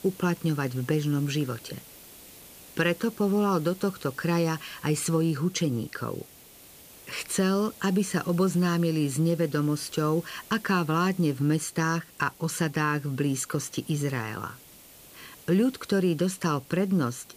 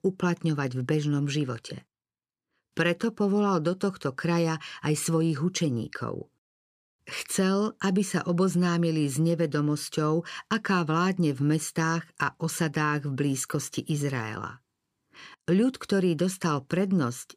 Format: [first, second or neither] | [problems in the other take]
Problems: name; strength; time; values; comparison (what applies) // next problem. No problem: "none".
second | hiss; faint; throughout; 20 dB below the speech